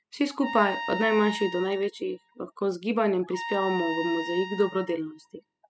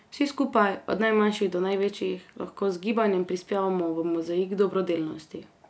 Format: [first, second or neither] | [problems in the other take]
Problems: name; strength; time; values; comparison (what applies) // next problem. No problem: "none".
second | noise reduction (classical method spectral subtraction)